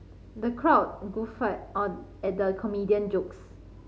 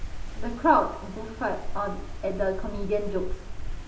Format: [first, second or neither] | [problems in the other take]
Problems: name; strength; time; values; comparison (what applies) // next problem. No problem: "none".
first | background sound (Wind); 3 dB below the speech // room echo; dies away in 0.6 s